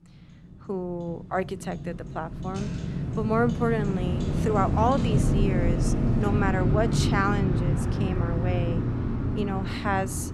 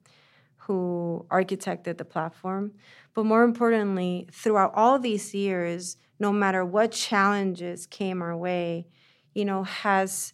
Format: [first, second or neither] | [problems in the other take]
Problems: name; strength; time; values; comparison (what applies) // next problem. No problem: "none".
second | traffic noise; very loud; throughout; 3 dB above the speech